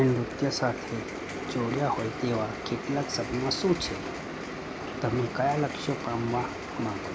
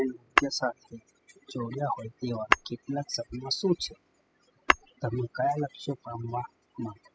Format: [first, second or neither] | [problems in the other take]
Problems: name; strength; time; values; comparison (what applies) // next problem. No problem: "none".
first | noise reduction (classical method spectral subtraction)